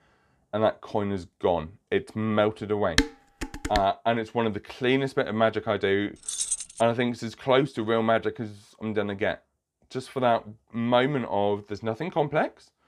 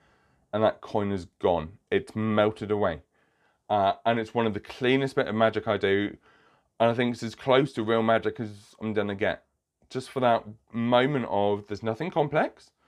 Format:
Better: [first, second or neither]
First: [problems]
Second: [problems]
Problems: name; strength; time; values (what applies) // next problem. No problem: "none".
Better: second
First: clattering dishes; loud; at 3 s; peak 1 dB above the speech // jangling keys; noticeable; at 6.5 s; peak 1 dB below the speech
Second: none